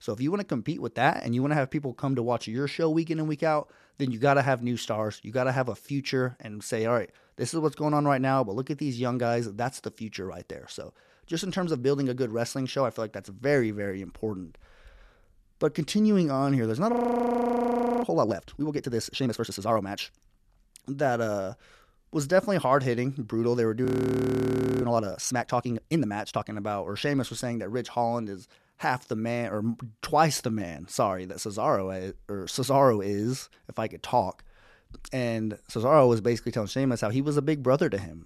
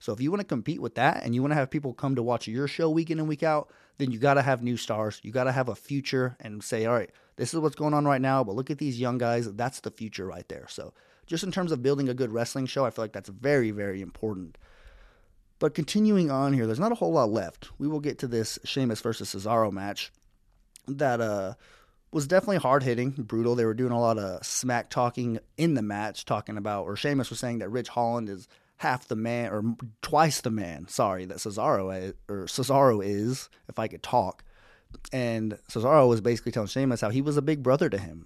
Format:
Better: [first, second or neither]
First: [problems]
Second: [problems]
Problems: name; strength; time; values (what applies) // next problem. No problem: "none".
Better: second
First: audio freezing; at 17 s for 1 s and at 24 s for 1 s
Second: none